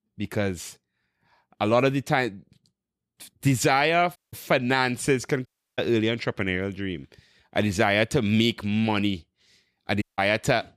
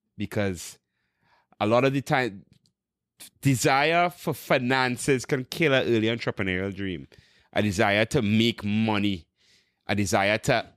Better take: second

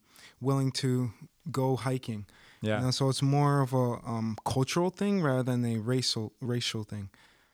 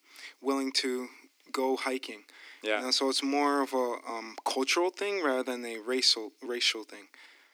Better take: first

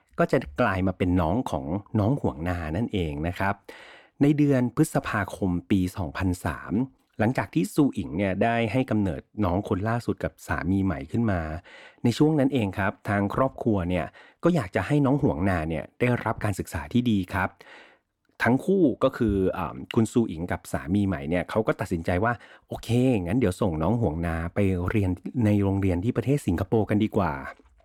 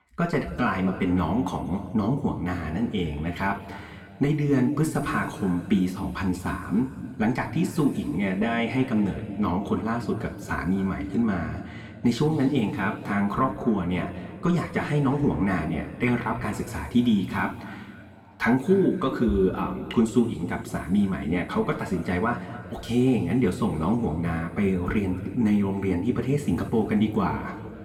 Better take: first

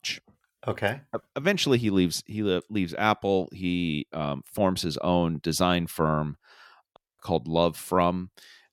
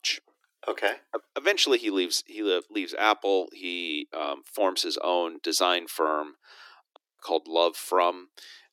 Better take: first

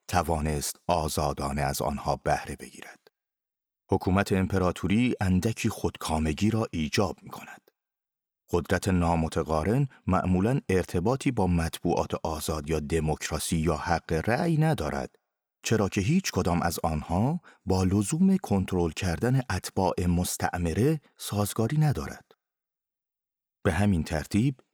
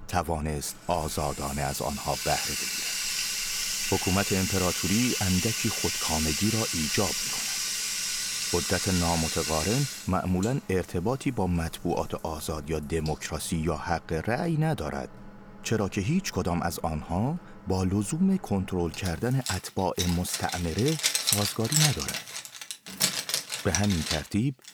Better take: first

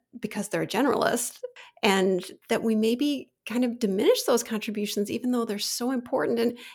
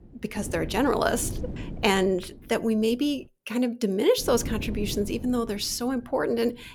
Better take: first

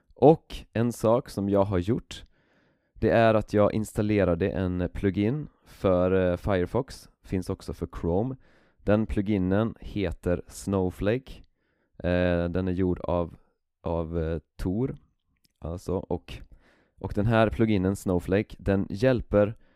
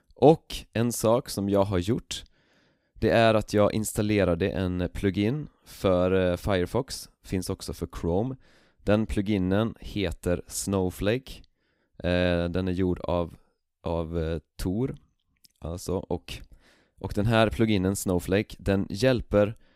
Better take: second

